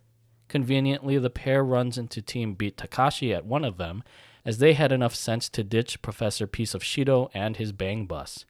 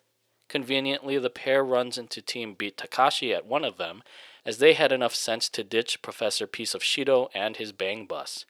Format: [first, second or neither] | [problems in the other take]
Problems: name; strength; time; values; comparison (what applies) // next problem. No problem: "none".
first | thin; somewhat; fading below 450 Hz